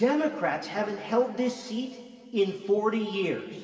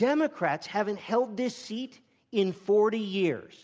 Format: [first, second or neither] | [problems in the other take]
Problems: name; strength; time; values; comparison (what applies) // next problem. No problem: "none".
second | room echo; dies away in 2.7 s